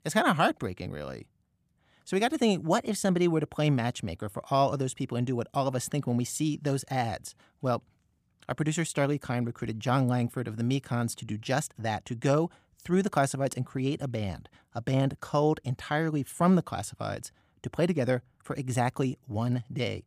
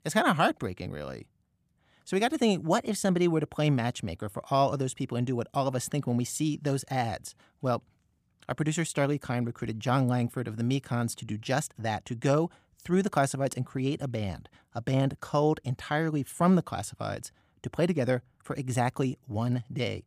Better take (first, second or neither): neither